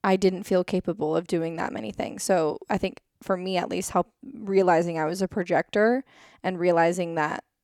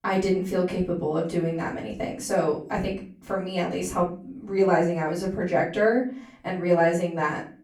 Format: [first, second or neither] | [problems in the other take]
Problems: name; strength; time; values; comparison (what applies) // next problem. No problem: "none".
first | off-mic speech; far // room echo; slight; dies away in 0.4 s